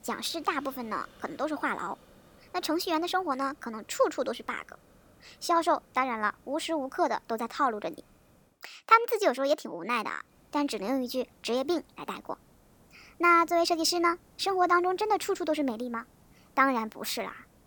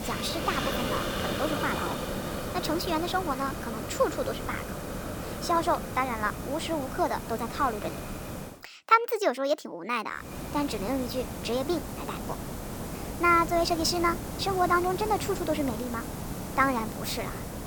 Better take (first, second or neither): first